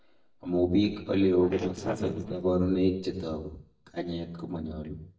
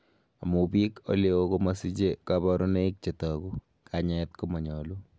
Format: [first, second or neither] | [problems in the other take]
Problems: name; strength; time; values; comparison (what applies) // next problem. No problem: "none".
second | noise reduction (neural mask model DeepFilterNet 3)